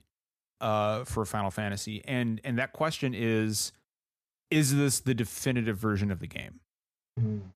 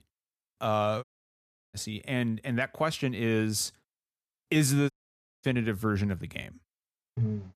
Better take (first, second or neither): first